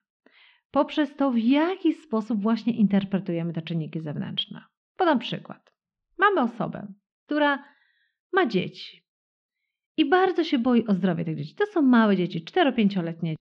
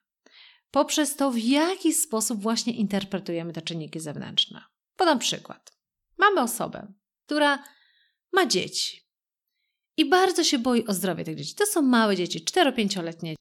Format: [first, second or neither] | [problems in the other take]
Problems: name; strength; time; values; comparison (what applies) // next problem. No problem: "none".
second | muffled; very; fading above 3 kHz